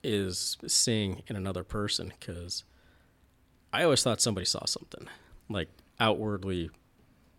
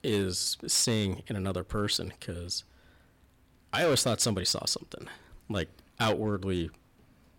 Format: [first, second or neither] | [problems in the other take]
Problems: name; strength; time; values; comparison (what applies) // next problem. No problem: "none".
first | distortion; slight; 4% of the sound clipped